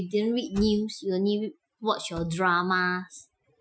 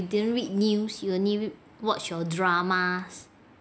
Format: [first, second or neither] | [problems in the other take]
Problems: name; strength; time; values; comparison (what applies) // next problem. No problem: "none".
second | noise reduction (classical method Wiener filter)